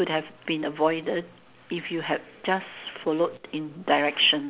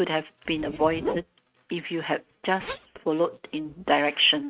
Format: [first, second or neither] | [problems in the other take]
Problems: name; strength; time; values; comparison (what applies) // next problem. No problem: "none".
first | noise reduction (neural mask model RNNoise)